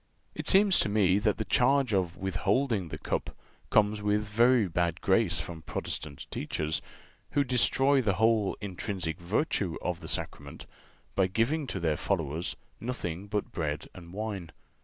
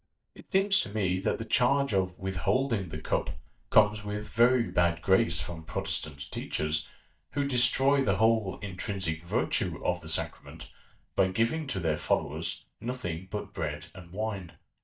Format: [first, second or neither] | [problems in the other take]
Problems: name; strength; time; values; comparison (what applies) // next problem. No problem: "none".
first | noise reduction (neural mask model DeepFilterNet 3)